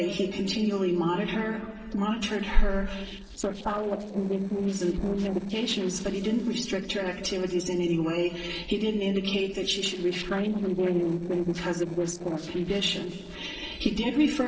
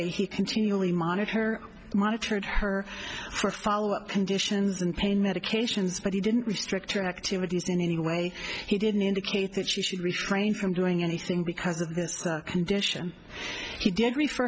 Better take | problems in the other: second | noise reduction (neural separator model SepFormer DNS4)

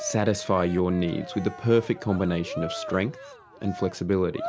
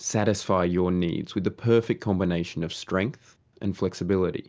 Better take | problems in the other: second | background sound (Cheering); 13 dB below the speech

